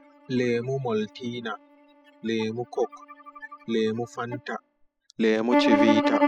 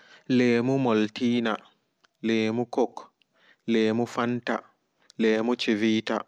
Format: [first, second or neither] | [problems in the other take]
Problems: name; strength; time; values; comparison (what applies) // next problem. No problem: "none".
second | noise reduction (classical method spectral subtraction)